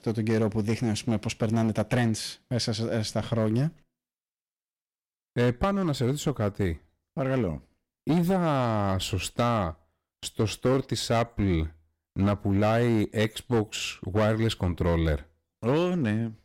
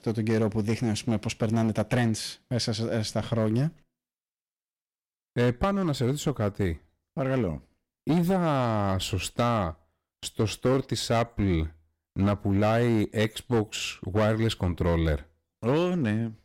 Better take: neither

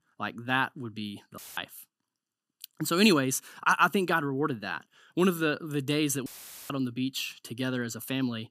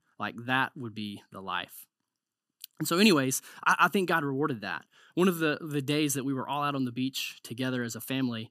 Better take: second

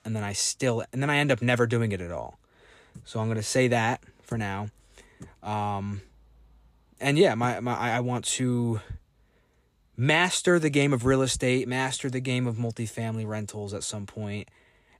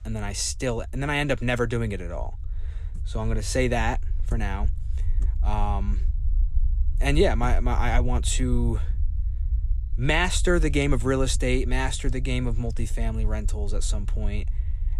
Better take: first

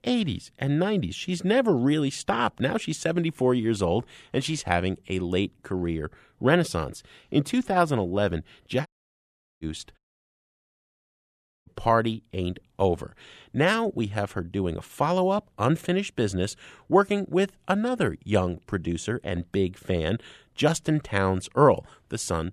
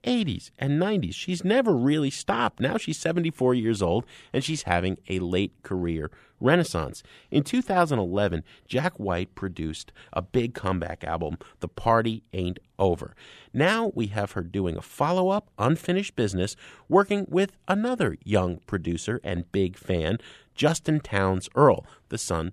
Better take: second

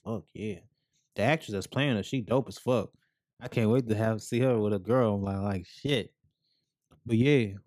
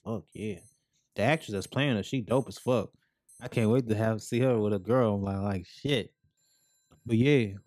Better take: first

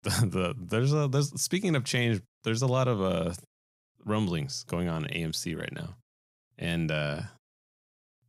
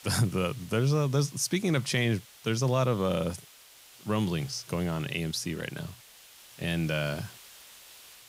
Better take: first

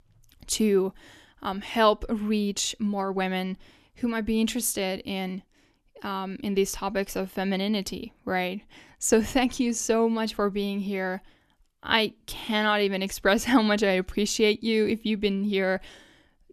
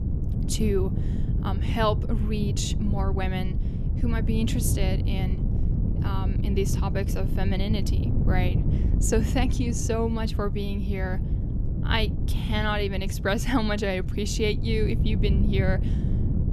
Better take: first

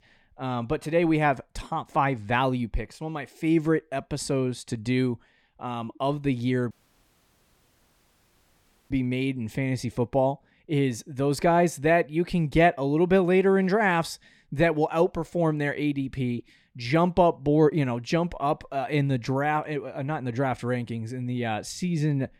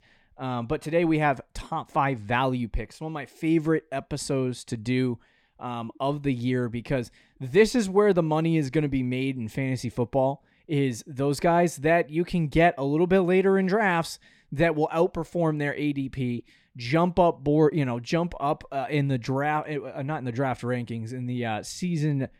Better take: second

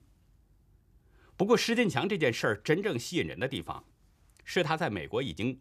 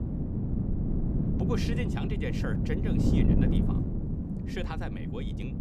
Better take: first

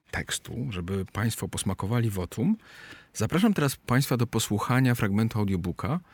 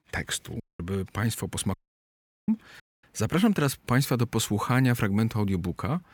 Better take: first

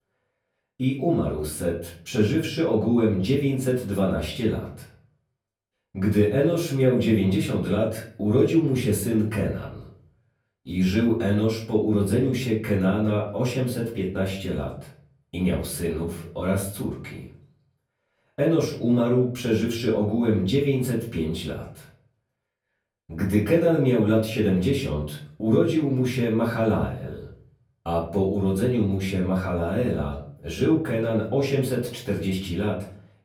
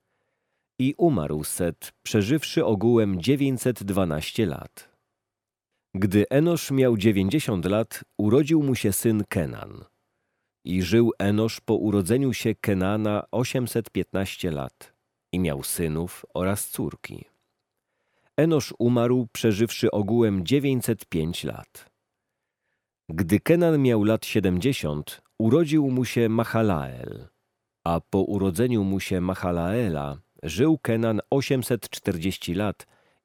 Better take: second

